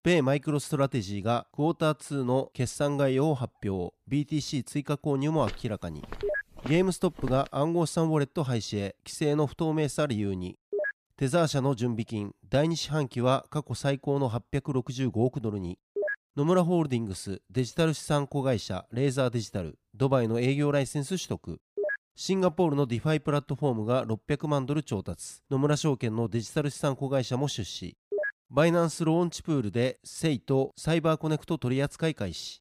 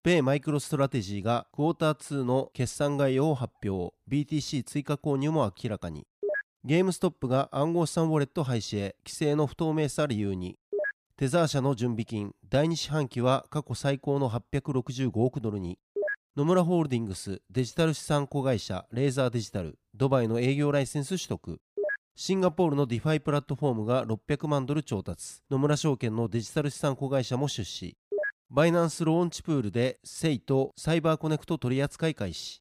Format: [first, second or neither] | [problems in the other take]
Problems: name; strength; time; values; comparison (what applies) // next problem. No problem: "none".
second | footsteps; faint; from 5.5 to 7.5 s; peak 15 dB below the speech